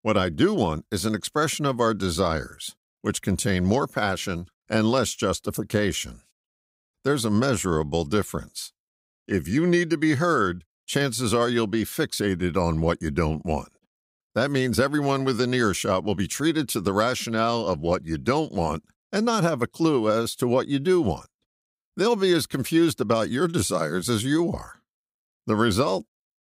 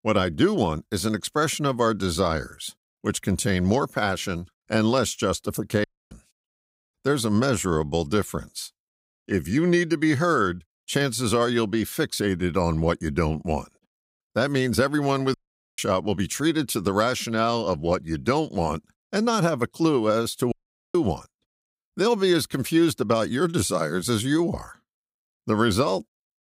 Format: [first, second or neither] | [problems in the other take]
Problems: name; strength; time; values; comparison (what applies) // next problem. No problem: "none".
first | audio cutting out; at 6 s, at 15 s and at 21 s